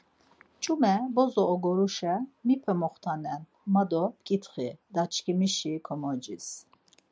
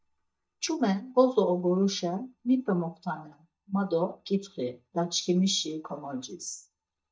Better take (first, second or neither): first